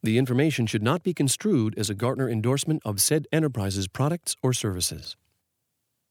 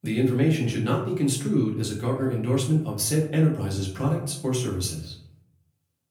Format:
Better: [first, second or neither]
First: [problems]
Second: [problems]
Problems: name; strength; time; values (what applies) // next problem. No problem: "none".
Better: first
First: none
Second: room echo; slight; dies away in 0.6 s // off-mic speech; far